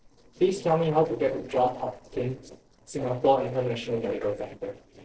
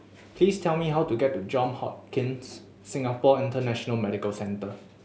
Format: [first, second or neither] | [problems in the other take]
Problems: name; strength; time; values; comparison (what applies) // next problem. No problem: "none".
second | noise reduction (neural separator model SepFormer DNS4)